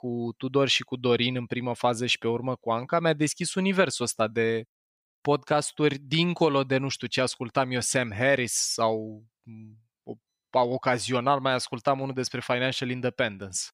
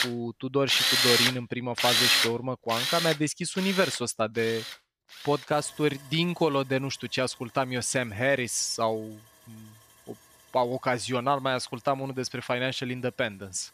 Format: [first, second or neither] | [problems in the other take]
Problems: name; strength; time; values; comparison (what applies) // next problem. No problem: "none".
first | machinery noise; very loud; throughout; 3 dB above the speech